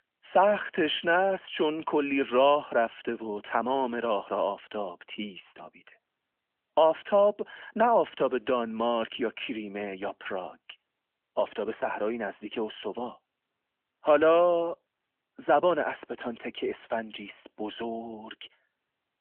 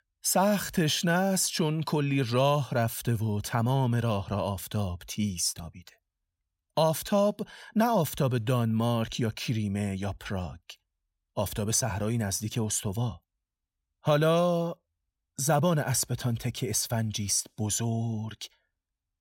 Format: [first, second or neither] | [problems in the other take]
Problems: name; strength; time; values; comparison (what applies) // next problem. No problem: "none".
second | phone-call audio; nothing above 3 kHz